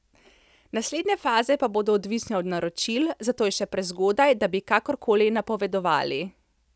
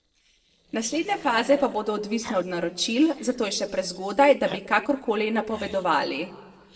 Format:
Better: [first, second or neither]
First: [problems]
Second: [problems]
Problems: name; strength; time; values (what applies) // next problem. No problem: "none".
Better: first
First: none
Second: noise reduction (neural separator model SepFormer DNS4)